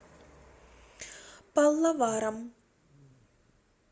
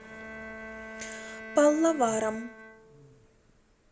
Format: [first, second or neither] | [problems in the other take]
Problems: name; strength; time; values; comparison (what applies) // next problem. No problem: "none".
first | background sound (Bowed string instrument); 14 dB below the speech